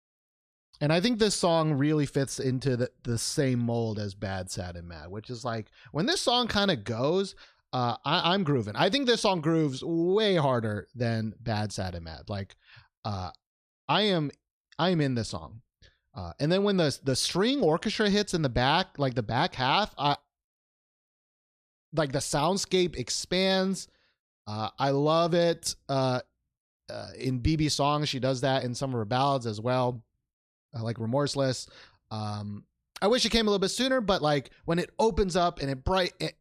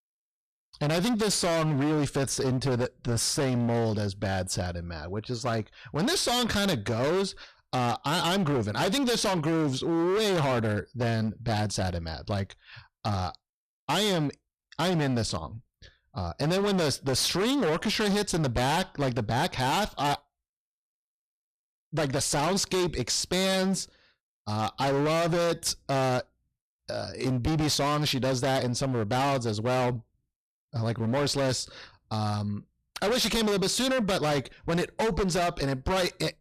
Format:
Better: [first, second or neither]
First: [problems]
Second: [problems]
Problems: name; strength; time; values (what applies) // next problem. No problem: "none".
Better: first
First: none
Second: distortion; heavy; 24% of the sound clipped